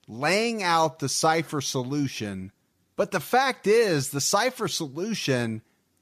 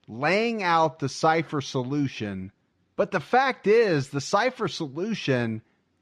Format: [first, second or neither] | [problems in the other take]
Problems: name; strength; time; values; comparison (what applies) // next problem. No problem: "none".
first | muffled; slightly; fading above 3.5 kHz